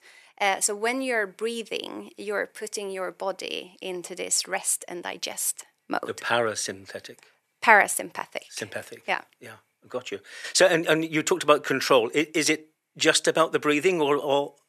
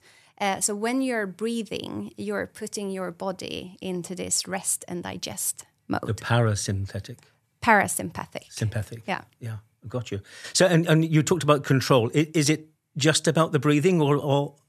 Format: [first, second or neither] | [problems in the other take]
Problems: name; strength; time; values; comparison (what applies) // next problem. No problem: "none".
second | thin; somewhat; fading below 400 Hz